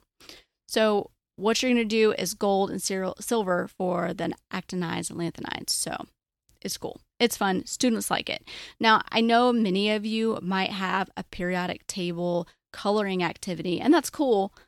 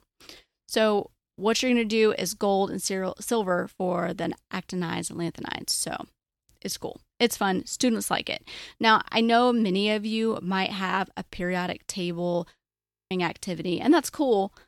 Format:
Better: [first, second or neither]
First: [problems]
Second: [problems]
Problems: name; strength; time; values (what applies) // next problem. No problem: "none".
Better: first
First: none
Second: audio freezing; at 13 s